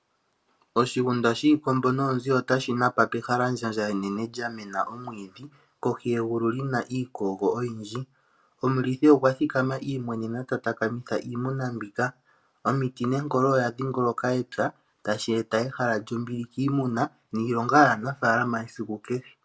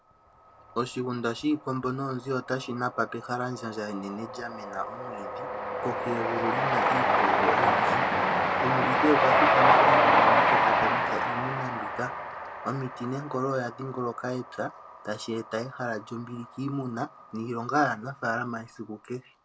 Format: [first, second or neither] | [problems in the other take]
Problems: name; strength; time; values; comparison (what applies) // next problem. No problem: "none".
first | background sound (Train); 5 dB above the speech